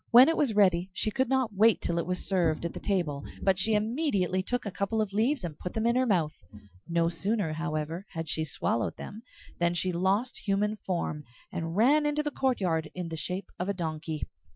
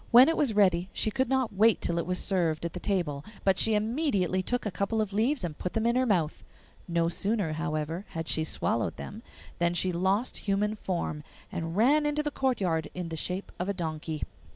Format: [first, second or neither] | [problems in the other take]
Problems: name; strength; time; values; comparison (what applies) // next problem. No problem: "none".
second | noise reduction (classical method Wiener filter)